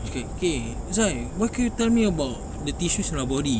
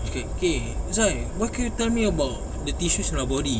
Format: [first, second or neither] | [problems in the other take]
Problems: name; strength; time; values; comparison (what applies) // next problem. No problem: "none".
first | room echo; dies away in 1.3 s